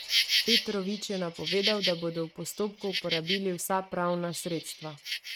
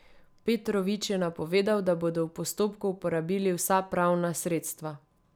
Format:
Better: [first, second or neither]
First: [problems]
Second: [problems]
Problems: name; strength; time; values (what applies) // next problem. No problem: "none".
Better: second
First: noise reduction (neural mask model RNNoise)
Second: none